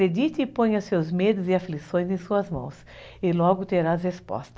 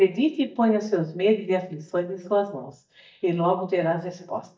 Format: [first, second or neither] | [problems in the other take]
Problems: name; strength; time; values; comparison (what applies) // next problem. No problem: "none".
first | noise reduction (neural mask model DeepFilterNet 3)